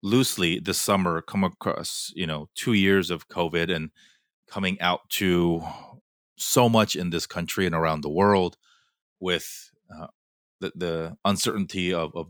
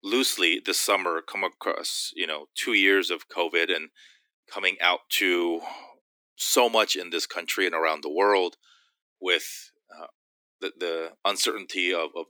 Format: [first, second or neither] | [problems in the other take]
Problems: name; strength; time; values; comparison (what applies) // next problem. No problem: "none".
first | thin; somewhat; fading below 300 Hz